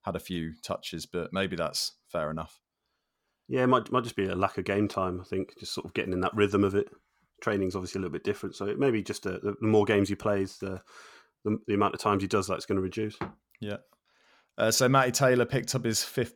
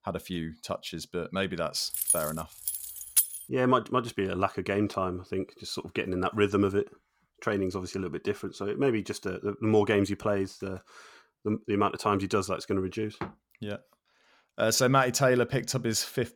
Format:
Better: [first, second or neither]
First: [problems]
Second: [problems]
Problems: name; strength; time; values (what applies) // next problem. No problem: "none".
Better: first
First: none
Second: jangling keys; loud; from 2 to 3.5 s; peak 4 dB above the speech